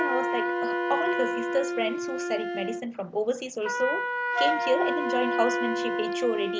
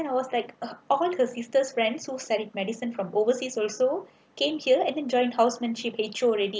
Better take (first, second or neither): second